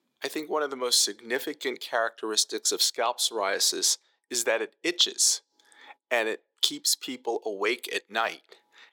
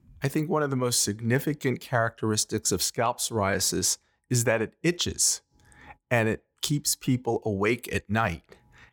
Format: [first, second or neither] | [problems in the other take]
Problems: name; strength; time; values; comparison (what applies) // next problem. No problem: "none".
second | thin; very; fading below 350 Hz